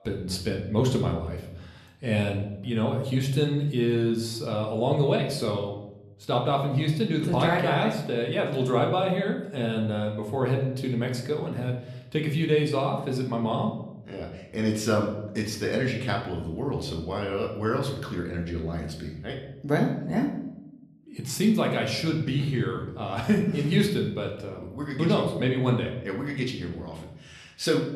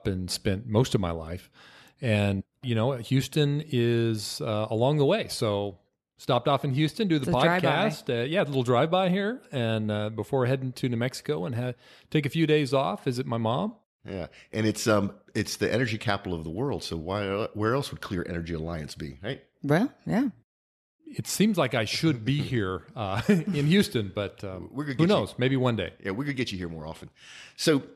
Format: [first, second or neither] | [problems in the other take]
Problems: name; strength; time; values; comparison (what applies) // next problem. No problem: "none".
second | room echo; slight; dies away in 0.7 s // off-mic speech; somewhat distant